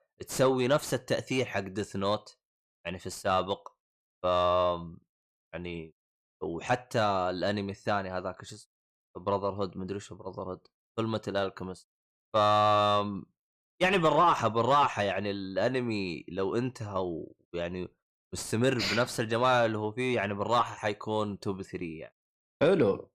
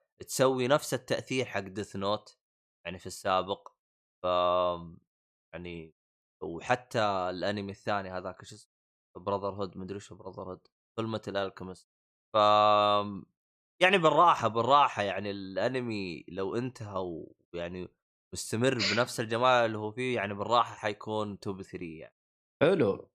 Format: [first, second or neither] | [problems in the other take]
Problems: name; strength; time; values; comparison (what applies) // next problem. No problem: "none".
second | distortion; slight; 10 dB below the speech